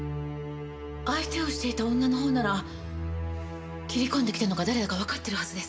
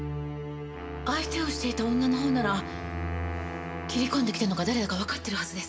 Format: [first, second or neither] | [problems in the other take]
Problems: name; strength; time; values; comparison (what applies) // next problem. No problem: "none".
first | background sound (Wind instrument, woodwind instrument); 13 dB below the speech